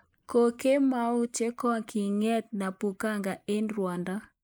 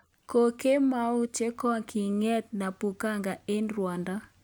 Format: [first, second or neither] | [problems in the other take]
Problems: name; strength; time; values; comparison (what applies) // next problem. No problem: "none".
second | noise reduction (neural mask model Resemble Enhance denoiser)